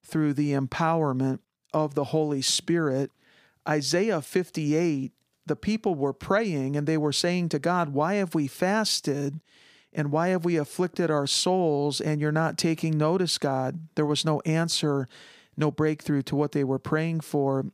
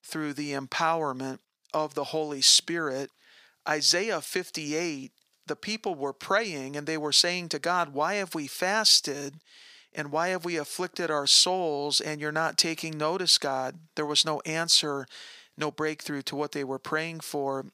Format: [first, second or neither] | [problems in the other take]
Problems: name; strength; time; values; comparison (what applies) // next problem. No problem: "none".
first | thin; somewhat; fading below 1 kHz